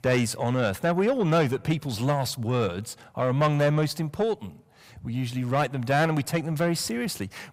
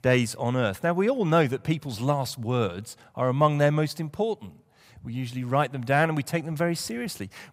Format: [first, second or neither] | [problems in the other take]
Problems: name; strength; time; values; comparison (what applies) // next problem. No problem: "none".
second | distortion; slight; 10 dB below the speech